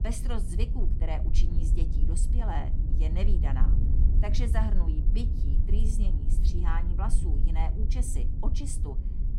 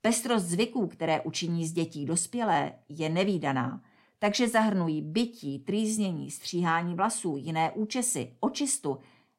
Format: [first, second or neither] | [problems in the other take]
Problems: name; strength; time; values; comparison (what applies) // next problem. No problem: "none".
second | low rumble; loud; throughout; 5 dB below the speech